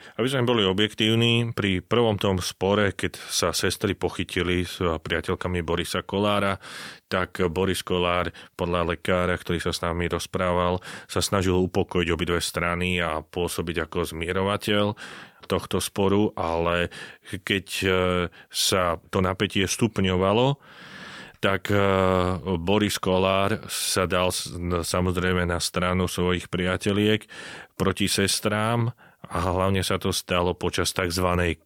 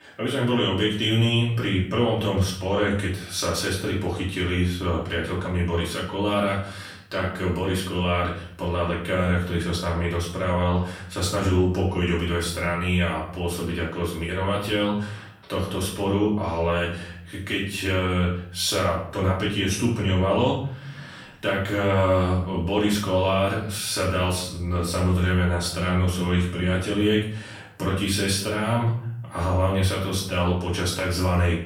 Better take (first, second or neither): first